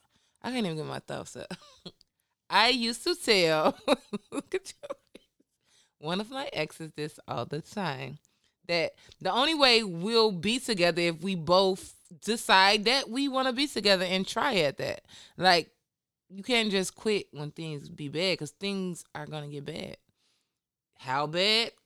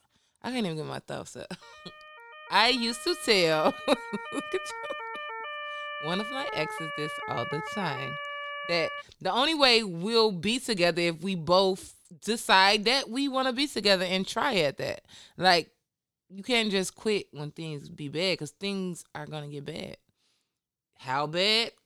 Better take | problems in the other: first | siren; noticeable; from 1.5 to 9 s; peak 8 dB below the speech

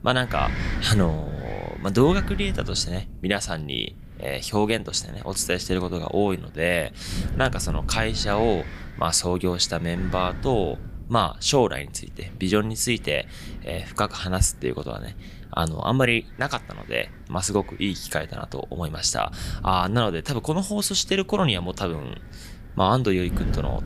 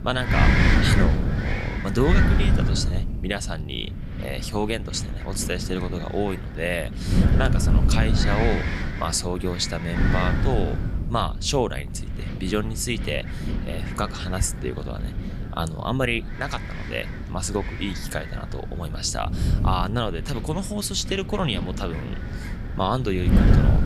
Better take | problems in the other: first | wind noise on the microphone; heavy; 3 dB below the speech; occasional gusts in the first

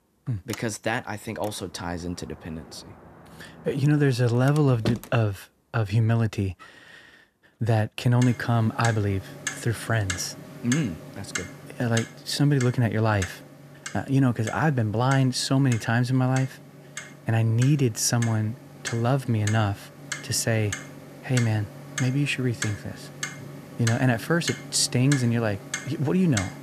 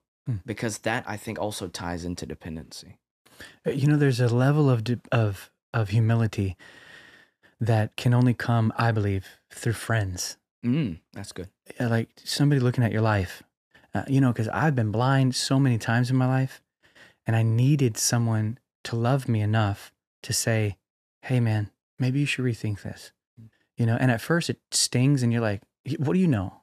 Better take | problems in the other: second | household noises; noticeable; throughout; 10 dB below the speech

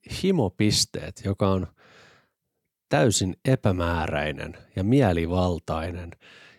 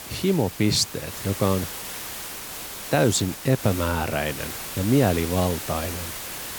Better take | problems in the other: first | hiss; loud; throughout; 8 dB below the speech

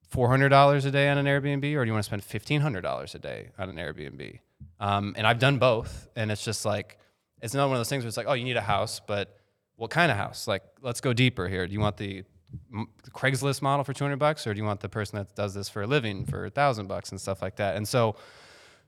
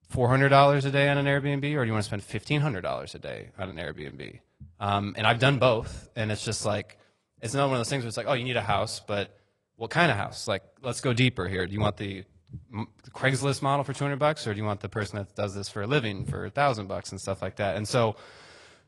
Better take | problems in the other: first | garbled, watery; slightly; nothing above 10.5 kHz

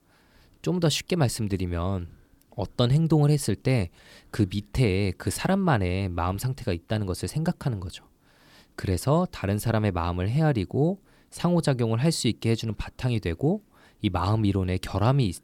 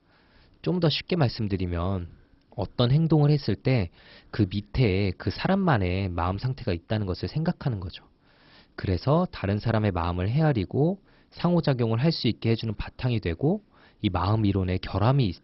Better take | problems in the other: first | garbled, watery; badly; nothing above 5.5 kHz

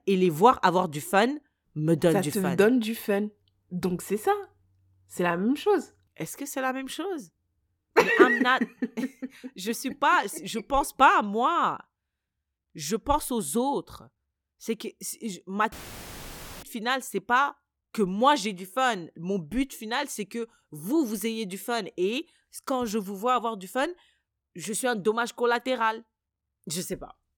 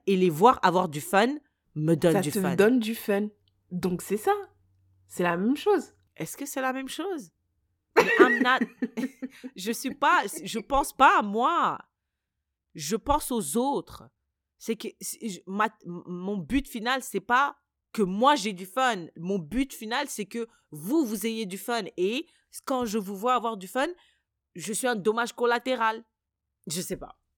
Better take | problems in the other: second | audio cutting out; filled with static; at 16 s for 1 s

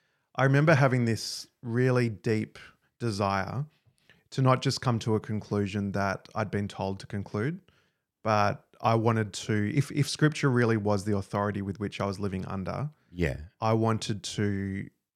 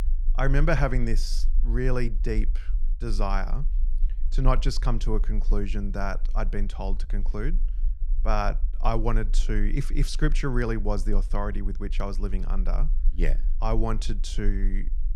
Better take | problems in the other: first | low rumble; faint; throughout; 25 dB below the speech

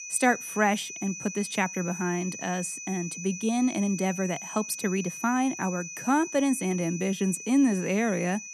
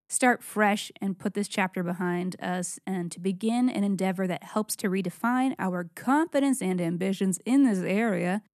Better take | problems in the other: second | high-pitched whine; loud; throughout; 6 kHz, 9 dB below the speech

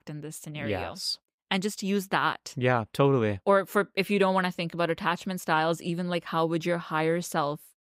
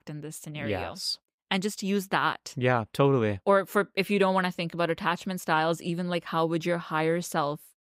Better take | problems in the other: neither | none

